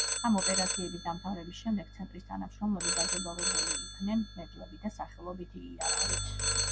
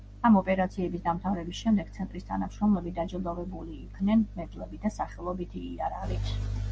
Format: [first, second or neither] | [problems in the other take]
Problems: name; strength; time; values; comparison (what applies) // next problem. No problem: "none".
second | background sound (Telephone); 2 dB above the speech